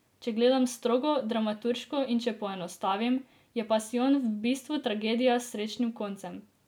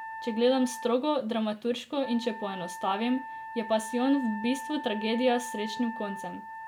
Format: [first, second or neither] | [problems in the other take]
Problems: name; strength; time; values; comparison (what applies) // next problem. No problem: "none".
first | background sound (Wind instrument, woodwind instrument); 11 dB below the speech